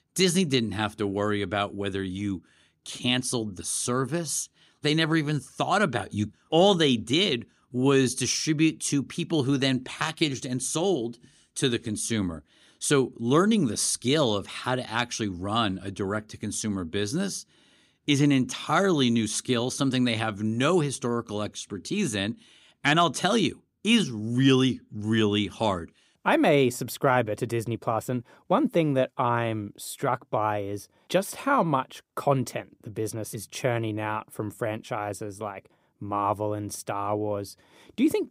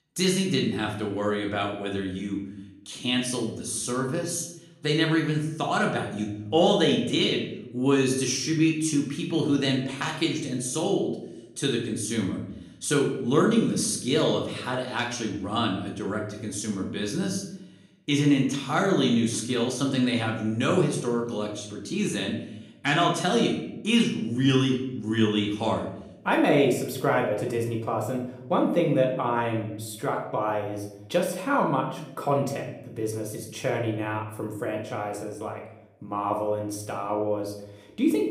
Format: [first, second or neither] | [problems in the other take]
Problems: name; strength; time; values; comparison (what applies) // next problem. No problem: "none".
first | room echo; slight; dies away in 0.7 s // off-mic speech; somewhat distant